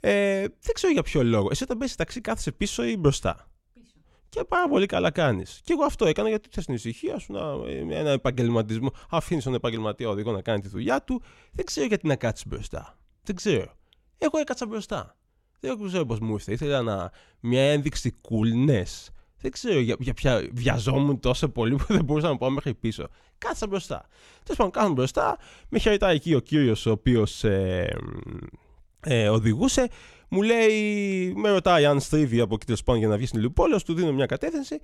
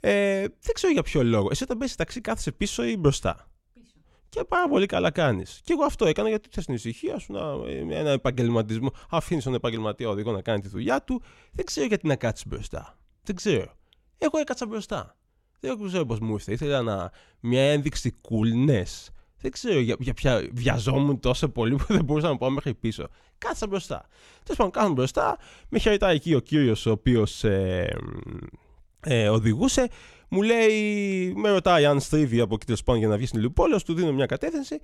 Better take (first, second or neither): neither